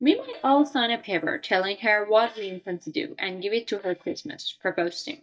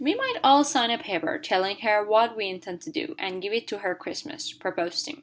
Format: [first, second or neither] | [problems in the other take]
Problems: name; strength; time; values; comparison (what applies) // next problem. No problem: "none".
second | noise reduction (neural mask model DeepFilterNet 3)